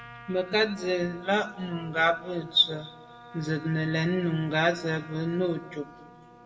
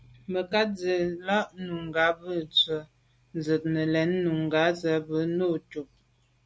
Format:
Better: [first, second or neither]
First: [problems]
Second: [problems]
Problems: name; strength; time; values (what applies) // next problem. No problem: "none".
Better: second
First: background sound (Trumpet); 19 dB below the speech // room echo; dies away in 1.2 s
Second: none